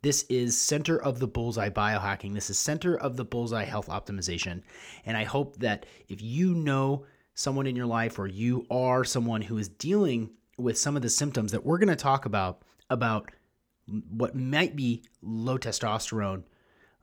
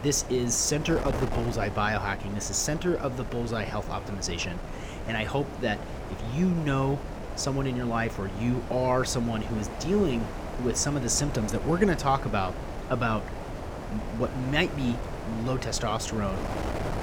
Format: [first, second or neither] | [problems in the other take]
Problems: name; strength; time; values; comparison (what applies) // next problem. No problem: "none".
first | wind noise on the microphone; heavy; 9 dB below the speech